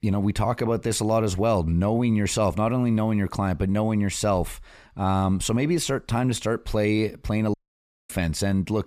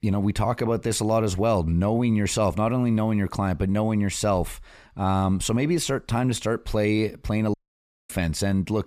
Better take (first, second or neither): neither